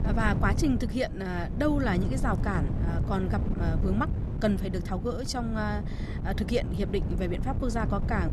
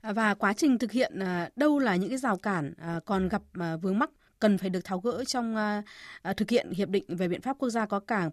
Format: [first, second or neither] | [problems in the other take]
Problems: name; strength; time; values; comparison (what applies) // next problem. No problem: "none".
second | wind noise on the microphone; heavy; 9 dB below the speech